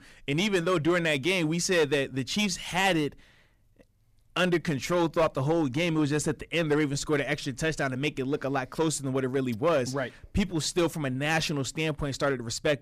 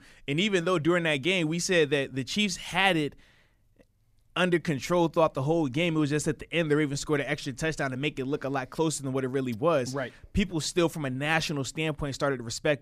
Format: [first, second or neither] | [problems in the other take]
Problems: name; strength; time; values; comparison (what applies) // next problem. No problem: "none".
second | distortion; slight; 5% of the sound clipped